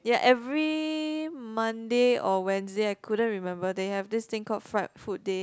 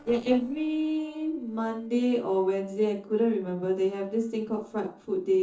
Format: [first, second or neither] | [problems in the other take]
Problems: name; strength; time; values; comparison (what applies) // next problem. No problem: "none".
first | noise reduction (neural separator model SepFormer DNS4)